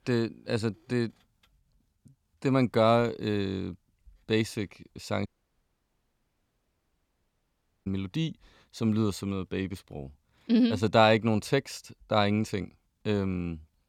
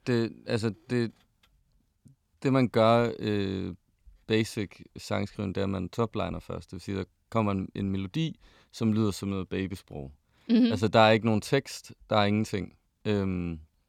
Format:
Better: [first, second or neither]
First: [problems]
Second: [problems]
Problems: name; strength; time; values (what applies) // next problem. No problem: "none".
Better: second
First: audio cutting out; at 5.5 s for 2.5 s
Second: none